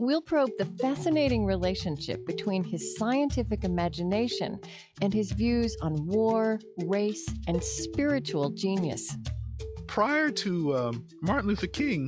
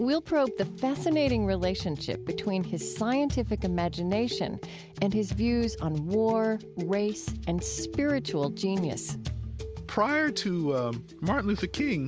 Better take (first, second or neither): second